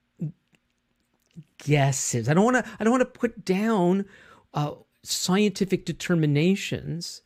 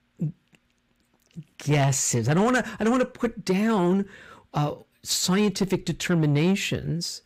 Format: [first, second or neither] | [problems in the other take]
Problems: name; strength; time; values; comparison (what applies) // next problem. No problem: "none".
first | distortion; slight; 10 dB below the speech